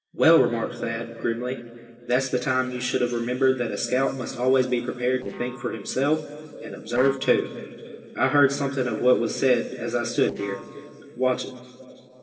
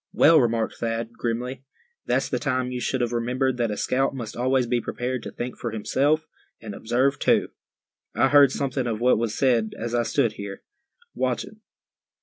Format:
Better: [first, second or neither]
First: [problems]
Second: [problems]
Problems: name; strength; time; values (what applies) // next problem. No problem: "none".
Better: second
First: noise reduction (neural separator model SepFormer DNS4)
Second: none